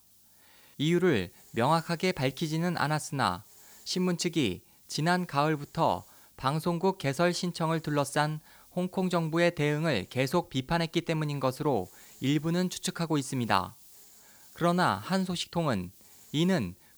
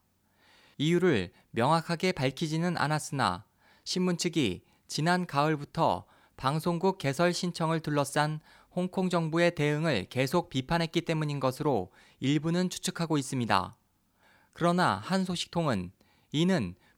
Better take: second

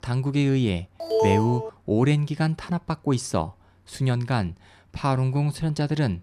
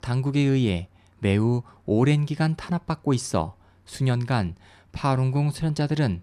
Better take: second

